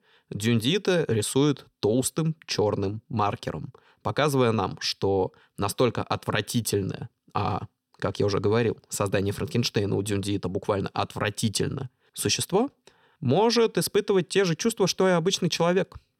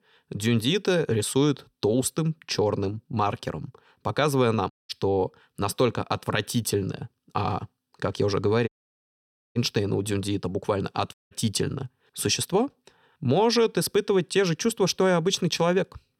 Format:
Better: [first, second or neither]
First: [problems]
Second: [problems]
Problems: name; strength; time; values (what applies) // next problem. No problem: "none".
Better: first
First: none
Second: audio cutting out; at 4.5 s, at 8.5 s for 1 s and at 11 s